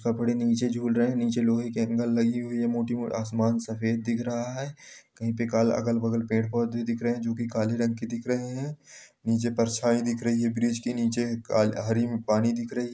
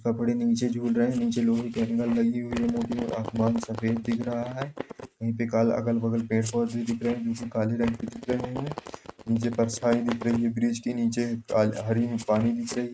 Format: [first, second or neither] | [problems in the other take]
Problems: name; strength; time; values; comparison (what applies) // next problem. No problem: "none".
first | noise reduction (neural mask model RNNoise)